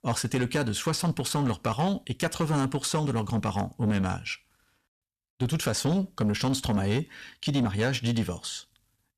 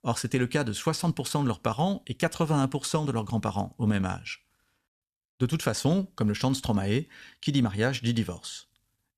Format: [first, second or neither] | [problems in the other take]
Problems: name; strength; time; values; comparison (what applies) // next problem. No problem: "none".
second | distortion; slight; 10 dB below the speech